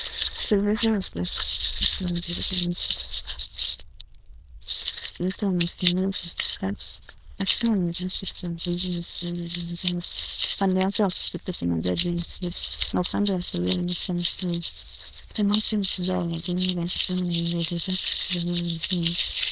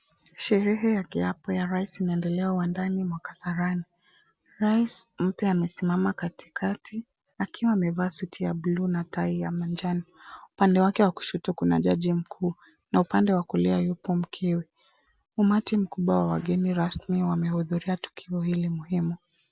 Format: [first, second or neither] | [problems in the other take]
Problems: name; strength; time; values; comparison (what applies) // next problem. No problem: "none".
second | noise reduction (neural diffusion model UNIVERSE++)